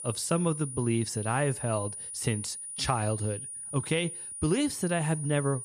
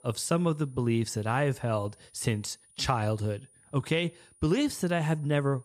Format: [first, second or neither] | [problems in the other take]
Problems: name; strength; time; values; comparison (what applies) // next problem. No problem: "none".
second | high-pitched whine; loud; throughout; 9.5 kHz, 7 dB below the speech; faint in the second